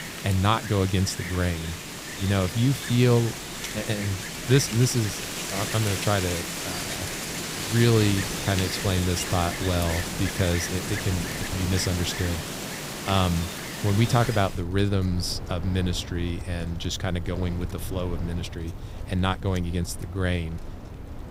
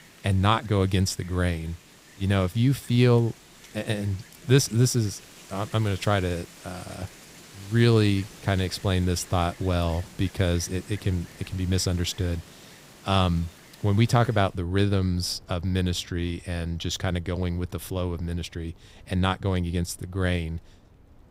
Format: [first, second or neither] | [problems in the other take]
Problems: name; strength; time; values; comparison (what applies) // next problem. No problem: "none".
second | wind in the background; loud; throughout; 6 dB below the speech; faint in the second